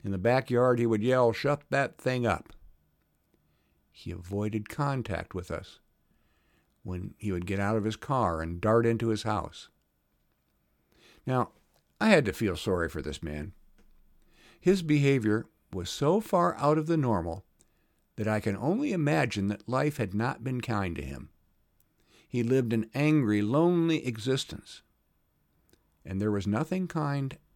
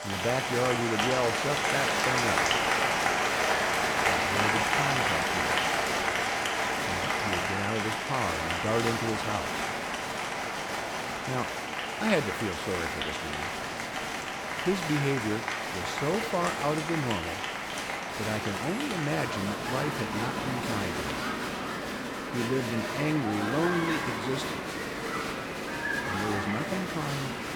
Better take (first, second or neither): first